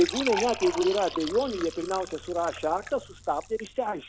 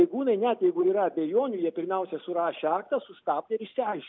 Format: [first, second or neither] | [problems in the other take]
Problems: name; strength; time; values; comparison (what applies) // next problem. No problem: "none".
second | background sound (Fill (with liquid) / Trickle, dribble); 10 dB below the speech